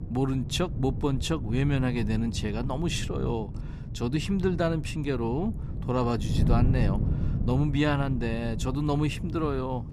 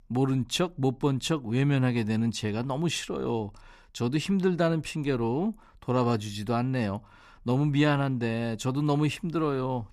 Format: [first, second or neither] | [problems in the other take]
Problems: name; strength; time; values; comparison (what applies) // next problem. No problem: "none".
second | wind noise on the microphone; occasional gusts; 10 dB below the speech